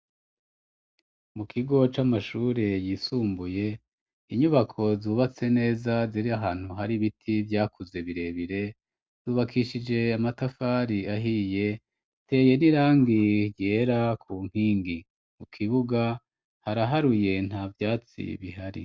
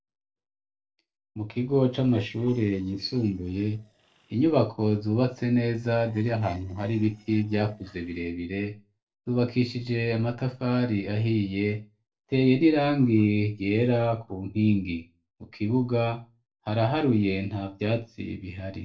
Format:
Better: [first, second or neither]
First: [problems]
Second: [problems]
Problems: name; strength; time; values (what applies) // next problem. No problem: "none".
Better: first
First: none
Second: noise reduction (neural separator model SepFormer DNS4)